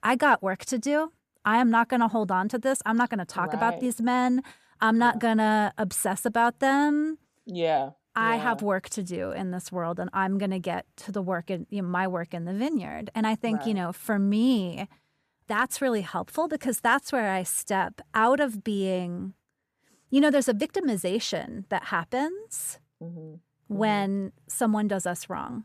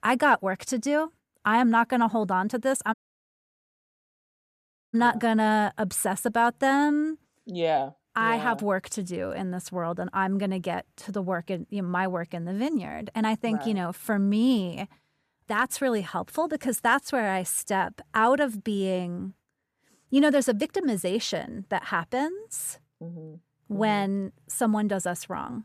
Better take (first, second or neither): first